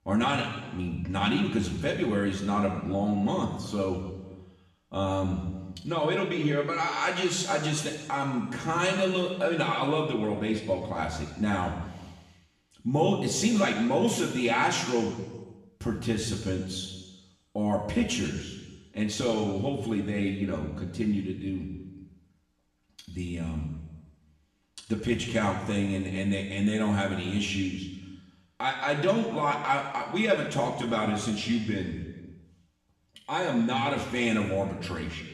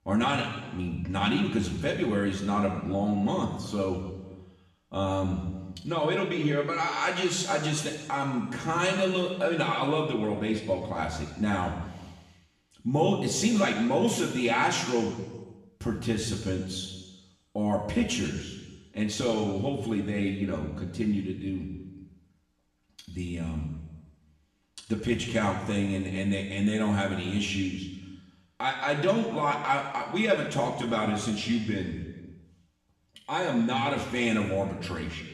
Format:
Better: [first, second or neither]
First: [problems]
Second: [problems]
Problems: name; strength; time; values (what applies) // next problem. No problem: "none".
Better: neither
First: room echo; noticeable; dies away in 1.1 s // off-mic speech; far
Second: room echo; noticeable; dies away in 1.1 s // off-mic speech; far